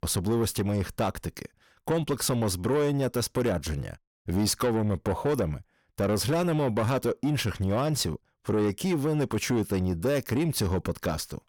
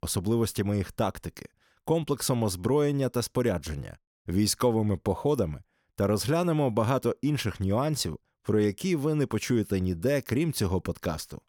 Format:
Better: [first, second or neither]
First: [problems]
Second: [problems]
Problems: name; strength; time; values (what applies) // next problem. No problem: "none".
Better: second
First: distortion; slight; 10 dB below the speech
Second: none